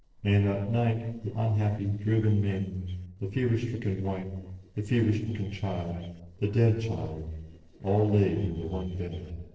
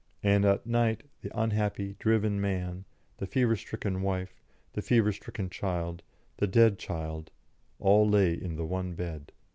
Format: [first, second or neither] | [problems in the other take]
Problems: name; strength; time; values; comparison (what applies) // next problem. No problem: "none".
second | noise reduction (neural separator model SepFormer DNS4)